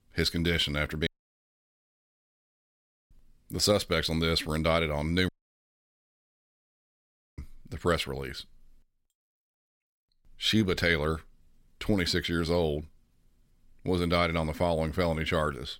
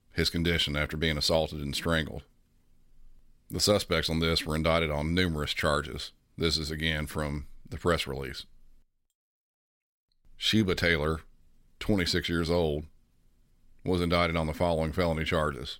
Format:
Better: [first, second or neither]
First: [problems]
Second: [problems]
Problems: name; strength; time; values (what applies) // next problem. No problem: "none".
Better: second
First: audio cutting out; at 1 s for 2 s and at 5.5 s for 2 s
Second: none